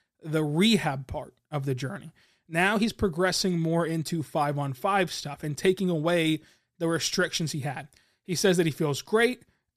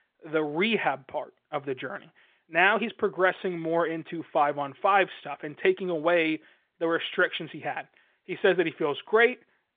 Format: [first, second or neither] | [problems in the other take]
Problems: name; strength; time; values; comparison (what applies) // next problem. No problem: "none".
first | phone-call audio